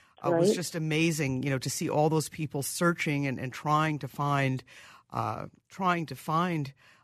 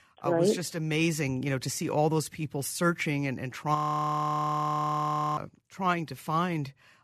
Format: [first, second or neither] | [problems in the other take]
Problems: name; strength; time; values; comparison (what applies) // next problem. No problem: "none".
first | audio freezing; at 4 s for 1.5 s